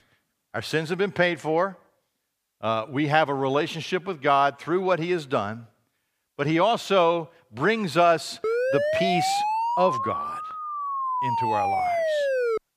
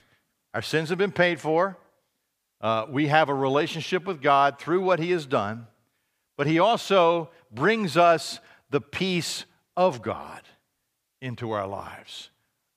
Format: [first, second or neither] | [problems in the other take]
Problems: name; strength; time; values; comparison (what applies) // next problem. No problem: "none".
second | siren; loud; from 8.5 s on; peak 1 dB above the speech